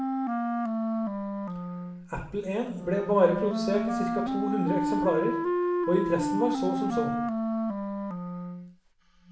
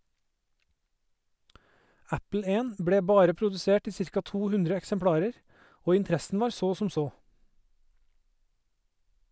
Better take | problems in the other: second | background sound (Wind instrument, woodwind instrument); 1 dB above the speech // room echo; dies away in 0.5 s

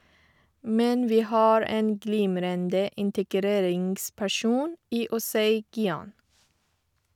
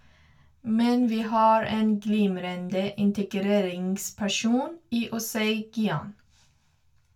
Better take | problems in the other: first | room echo; dies away in 0.2 s

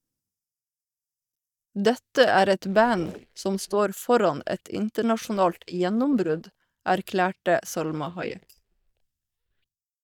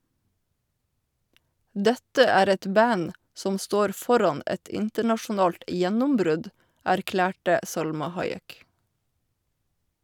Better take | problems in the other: second | noise reduction (neural mask model DeepFilterNet 3)

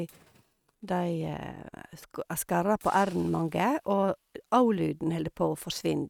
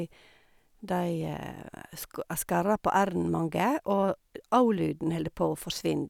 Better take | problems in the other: second | noise reduction (neural mask model RNNoise)

